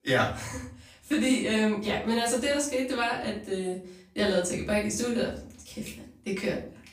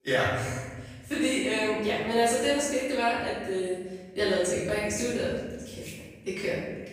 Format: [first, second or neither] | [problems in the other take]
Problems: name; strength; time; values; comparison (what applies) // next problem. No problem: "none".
first | room echo; strong; dies away in 1.3 s; slight in the first // off-mic speech; far; far in the first